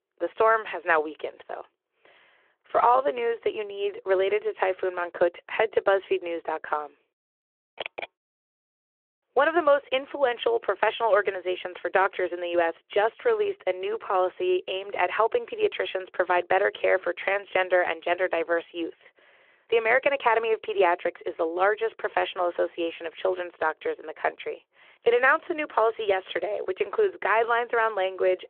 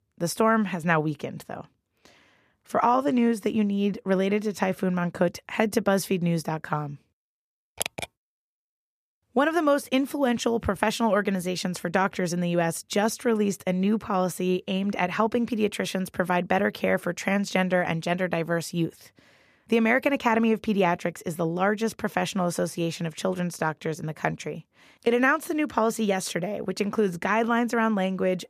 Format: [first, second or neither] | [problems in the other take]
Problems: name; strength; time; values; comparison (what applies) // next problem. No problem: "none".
second | phone-call audio